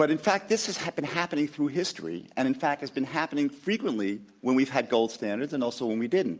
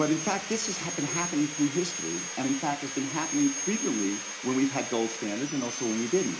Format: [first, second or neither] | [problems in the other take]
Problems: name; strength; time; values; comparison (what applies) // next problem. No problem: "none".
first | background sound (Sawing); 6 dB below the speech // room echo; dies away in 0.4 s